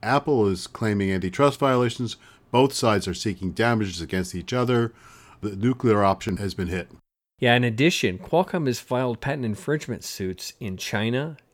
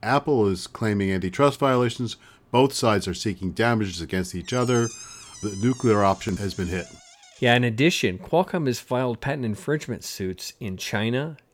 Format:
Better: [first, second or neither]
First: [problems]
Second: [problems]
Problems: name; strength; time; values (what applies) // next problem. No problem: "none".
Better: first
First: none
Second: door banging; faint; from 4.5 to 7.5 s; peak 10 dB below the speech